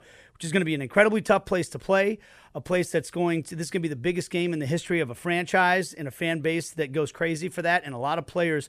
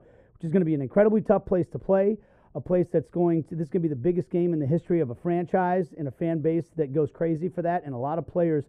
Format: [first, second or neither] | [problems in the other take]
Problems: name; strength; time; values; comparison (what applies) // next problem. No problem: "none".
first | muffled; very; fading above 1.5 kHz